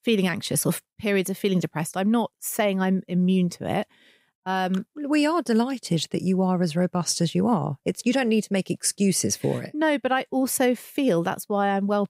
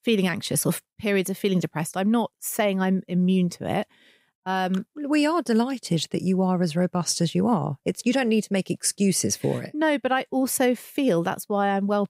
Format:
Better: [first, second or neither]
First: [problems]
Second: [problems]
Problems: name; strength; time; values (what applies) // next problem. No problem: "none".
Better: neither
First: none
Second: none